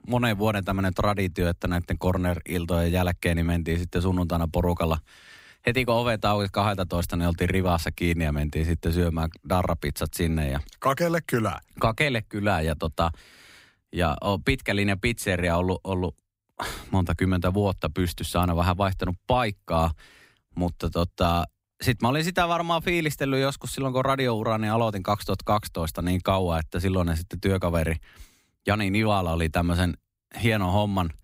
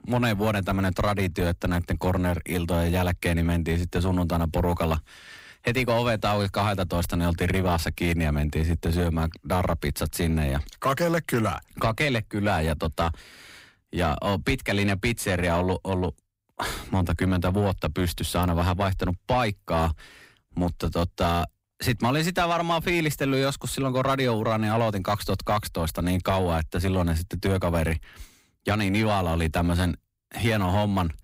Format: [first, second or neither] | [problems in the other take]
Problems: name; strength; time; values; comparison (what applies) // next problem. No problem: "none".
first | distortion; slight; 10 dB below the speech